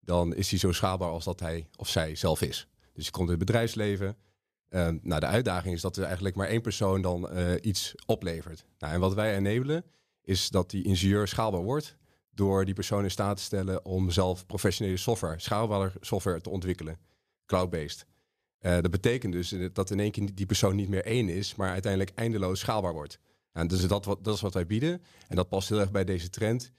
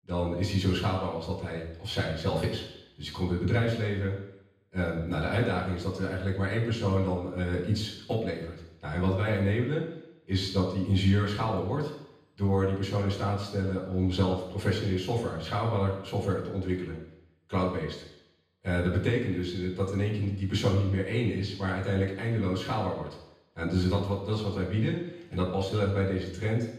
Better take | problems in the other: first | room echo; noticeable; dies away in 0.9 s // off-mic speech; far

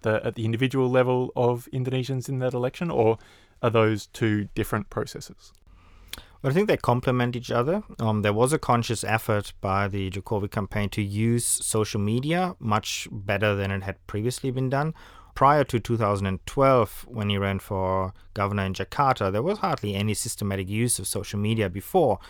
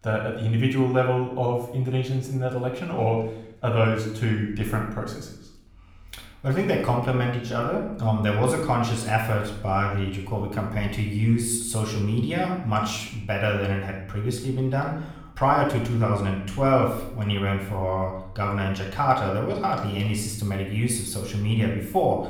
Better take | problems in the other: first | off-mic speech; somewhat distant // room echo; noticeable; dies away in 0.6 s

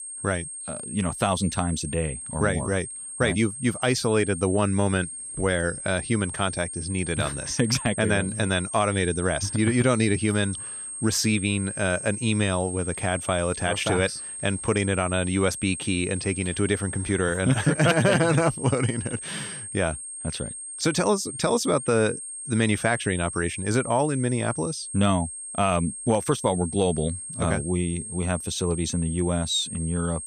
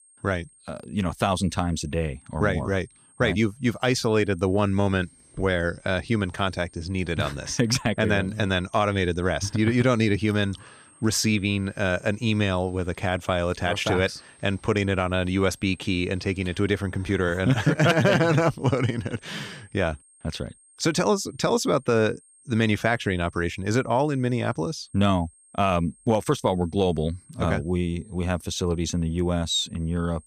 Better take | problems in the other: second | high-pitched whine; loud; throughout; 8.5 kHz, 8 dB below the speech; faint in the second

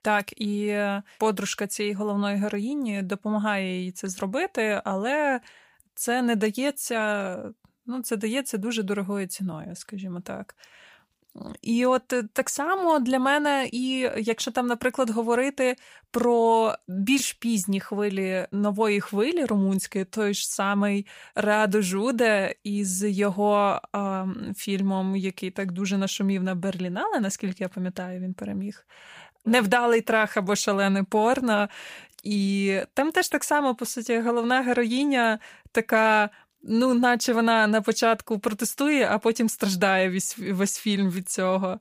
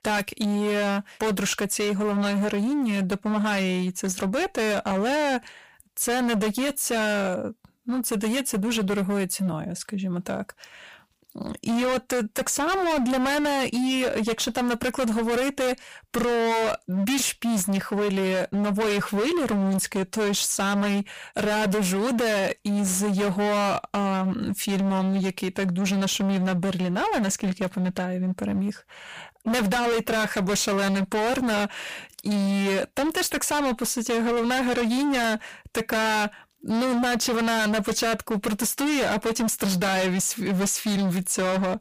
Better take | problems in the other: first | distortion; heavy; 33% of the sound clipped

